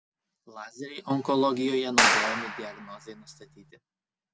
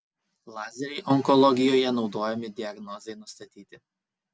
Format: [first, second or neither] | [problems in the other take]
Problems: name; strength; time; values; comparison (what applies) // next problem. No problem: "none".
second | background sound (Clapping); 4 dB above the speech